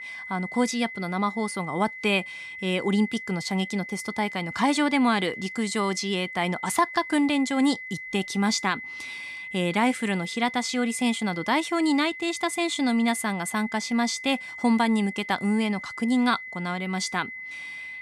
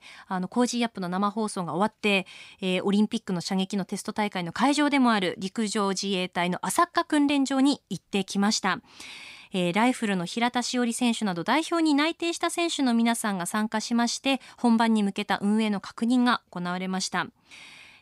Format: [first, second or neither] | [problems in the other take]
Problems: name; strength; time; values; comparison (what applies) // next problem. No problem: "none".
second | high-pitched whine; noticeable; throughout; 2 kHz, 10 dB below the speech